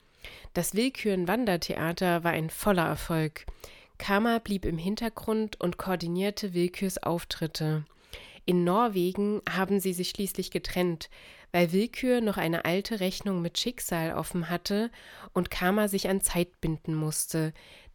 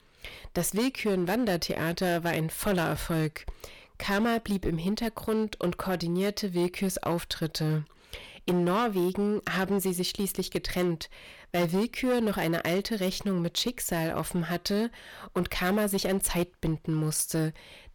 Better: first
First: none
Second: distortion; slight; 8% of the sound clipped

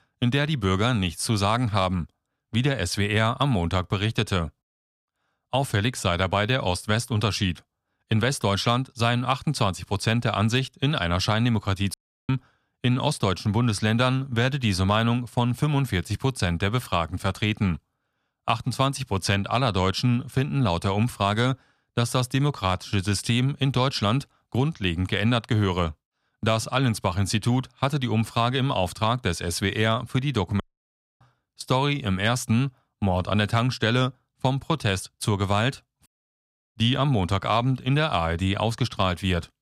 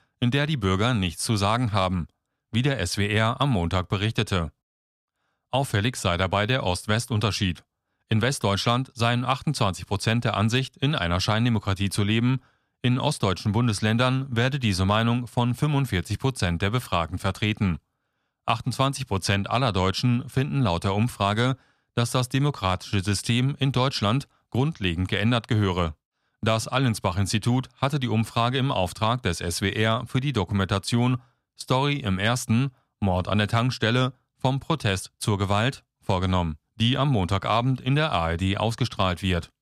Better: second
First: audio cutting out; at 12 s, at 31 s for 0.5 s and at 36 s for 0.5 s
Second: none

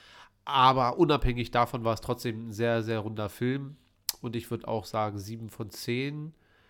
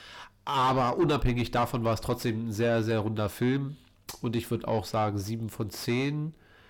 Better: first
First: none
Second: distortion; heavy; 6 dB below the speech

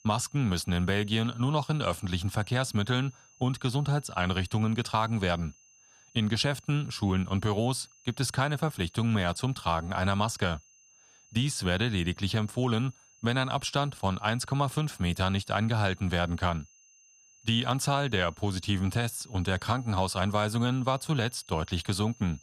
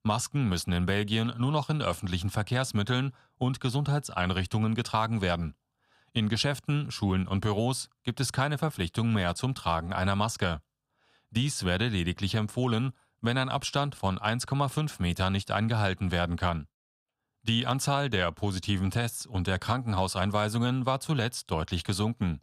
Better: second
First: high-pitched whine; faint; throughout; 6.5 kHz, 25 dB below the speech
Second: none

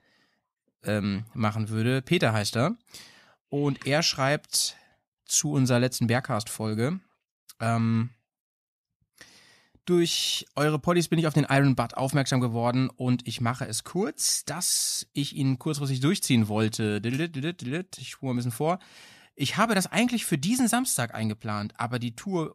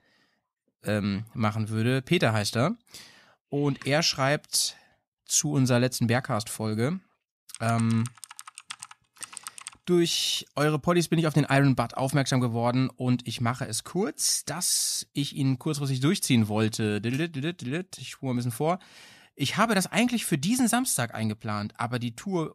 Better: first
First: none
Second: keyboard typing; faint; from 7.5 to 9.5 s; peak 15 dB below the speech

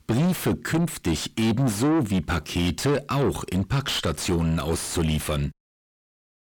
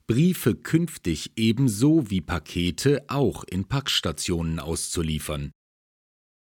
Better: second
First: distortion; heavy; 6 dB below the speech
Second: none

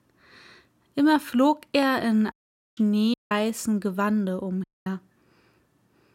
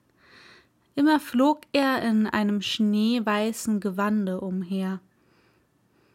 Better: second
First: audio cutting out; at 2.5 s, at 3 s and at 4.5 s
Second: none

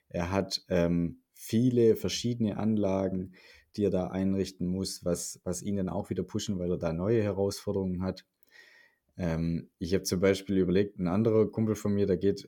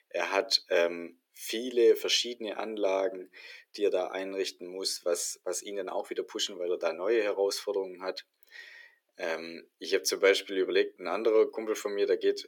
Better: first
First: none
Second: thin; very; fading below 350 Hz

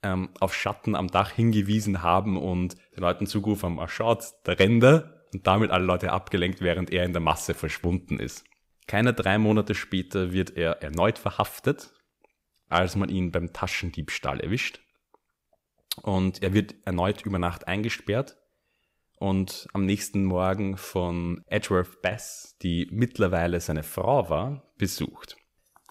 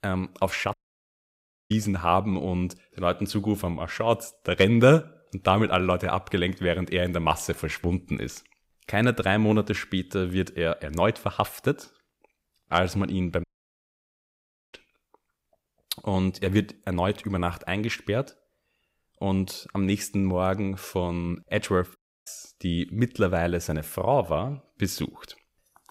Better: first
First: none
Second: audio cutting out; at 0.5 s for 1 s, at 13 s for 1.5 s and at 22 s

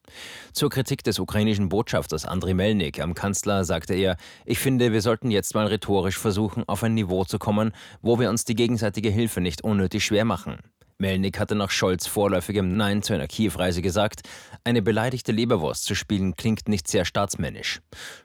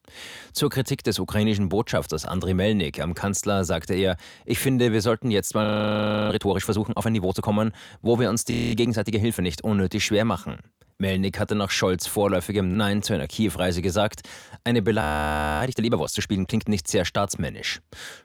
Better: first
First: none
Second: audio freezing; at 5.5 s for 0.5 s, at 8.5 s and at 15 s for 0.5 s

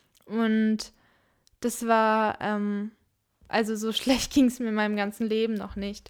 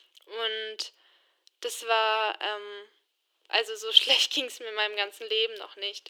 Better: first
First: none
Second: thin; very; fading below 350 Hz

